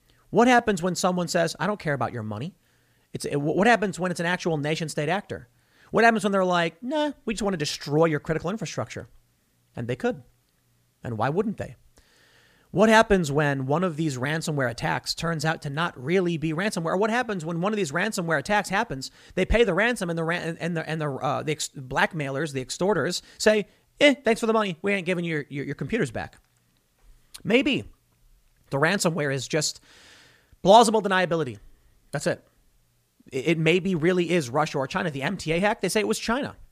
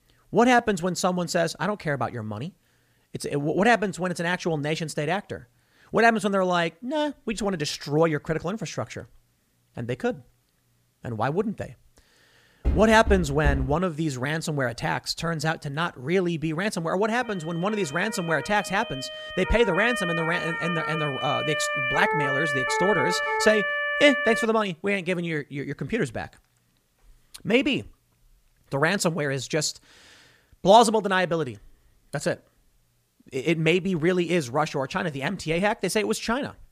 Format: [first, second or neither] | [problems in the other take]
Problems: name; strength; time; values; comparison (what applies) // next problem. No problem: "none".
first | door banging; noticeable; from 13 to 14 s; peak 4 dB below the speech // siren; loud; from 17 to 24 s; peak 1 dB above the speech